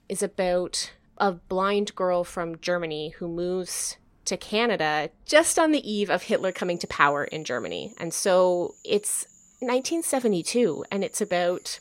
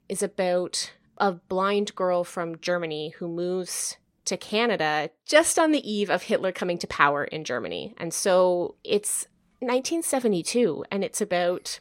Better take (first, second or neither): second